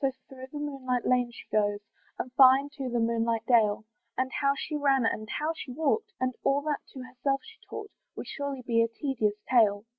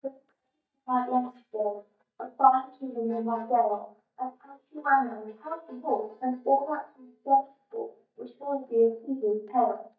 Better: first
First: none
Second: noise reduction (neural mask model DeepFilterNet 3)

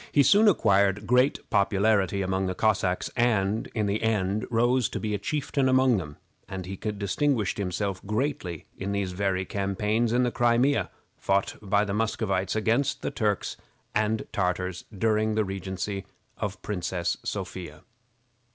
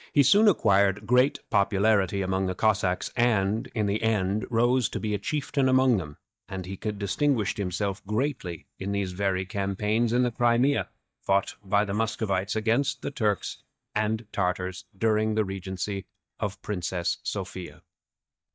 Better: first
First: none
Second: noise reduction (neural mask model DeepFilterNet 3)

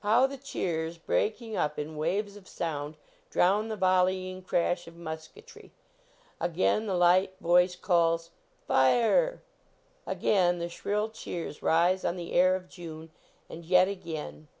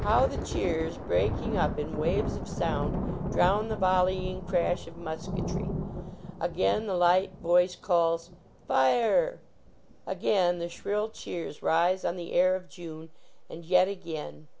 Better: first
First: none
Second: background sound (Thunder); 7 dB below the speech

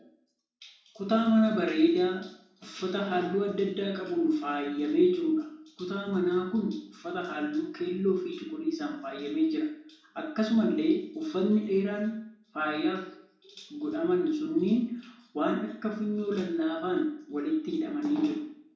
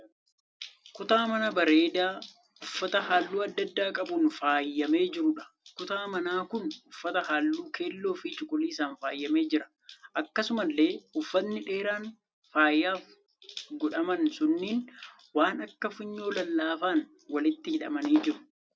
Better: second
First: room echo; dies away in 0.6 s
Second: none

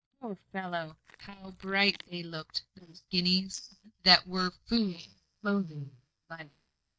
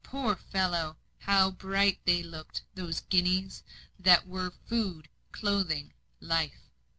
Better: second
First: noise reduction (neural mask model DeepFilterNet 3)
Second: none

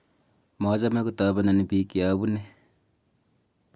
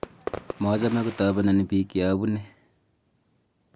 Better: first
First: none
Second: background sound (Fireworks); 13 dB below the speech

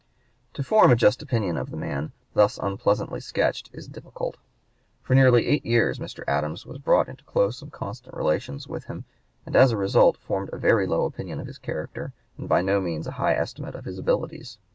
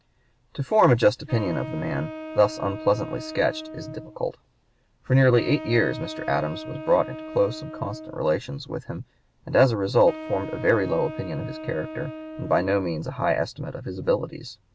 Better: first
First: none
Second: background sound (Wind instrument, woodwind instrument); 12 dB below the speech

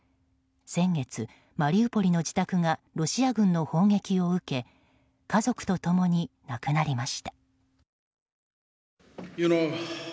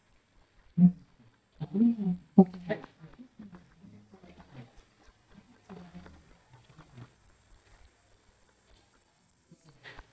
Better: first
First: none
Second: noise reduction (neural mask model DeepFilterNet 3)

